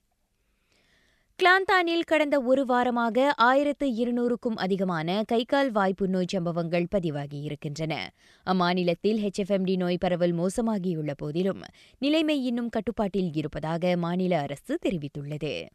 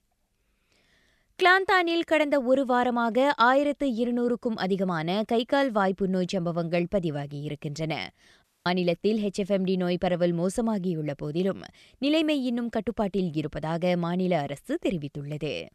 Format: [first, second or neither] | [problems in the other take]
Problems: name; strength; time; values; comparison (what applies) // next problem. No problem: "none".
first | audio cutting out; at 8.5 s